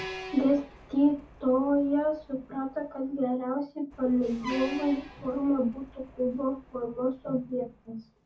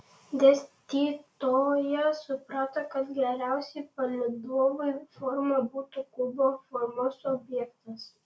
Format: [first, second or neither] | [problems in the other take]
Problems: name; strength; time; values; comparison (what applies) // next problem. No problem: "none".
second | background sound (Truck); 16 dB below the speech // room echo; dies away in 0.4 s